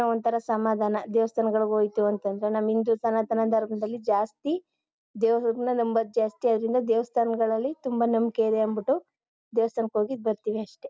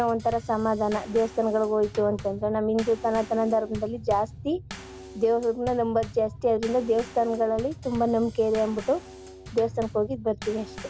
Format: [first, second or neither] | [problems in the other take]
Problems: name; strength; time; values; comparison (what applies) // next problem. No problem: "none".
first | background sound (Bass drum / Snare drum / Drum kit); 15 dB below the speech